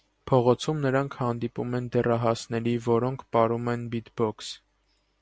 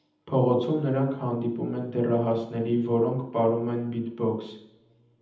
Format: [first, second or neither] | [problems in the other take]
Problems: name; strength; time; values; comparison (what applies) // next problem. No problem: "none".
first | room echo; dies away in 0.8 s